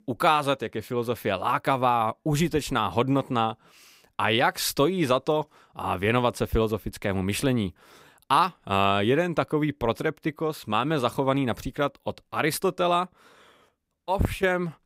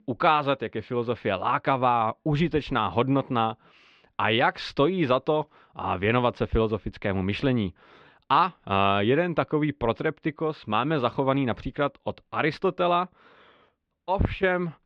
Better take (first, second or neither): first